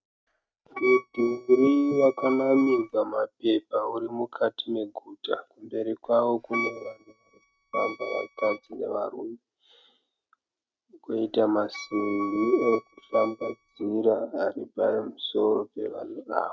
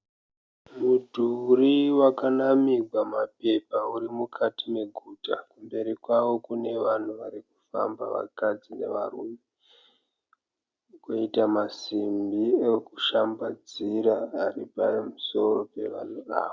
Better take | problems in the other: second | noise reduction (neural mask model RNNoise)

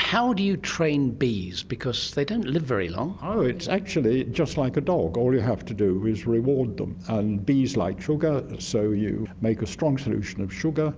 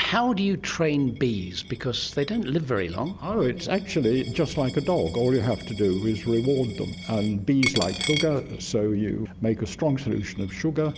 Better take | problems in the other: first | background sound (Coin (dropping)); 14 dB below the speech

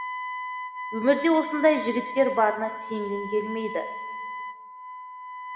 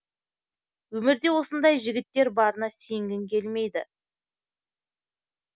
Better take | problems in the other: second | background sound (Wind instrument, woodwind instrument); 8 dB below the speech // room echo; dies away in 1.7 s

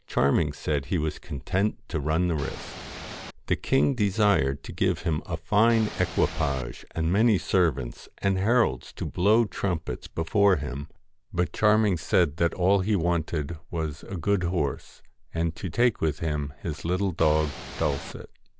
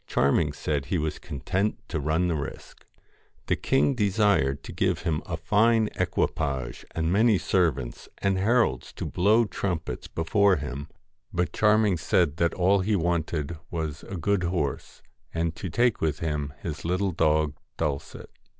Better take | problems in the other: second | background sound (Ocean / Boat, Water vehicle); 12 dB below the speech

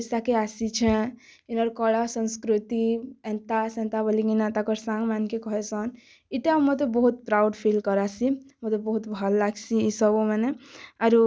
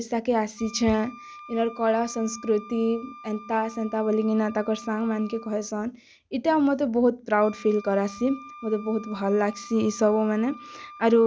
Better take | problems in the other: first | background sound (Wind instrument, woodwind instrument); 20 dB below the speech

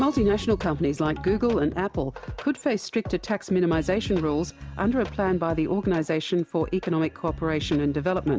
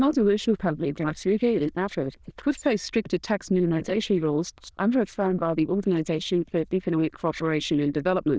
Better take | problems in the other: first | noise reduction (neural diffusion model UNIVERSE++)

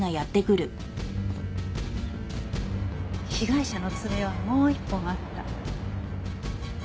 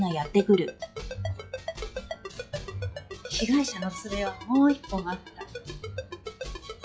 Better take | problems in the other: first | noise reduction (classical method log-MMSE)

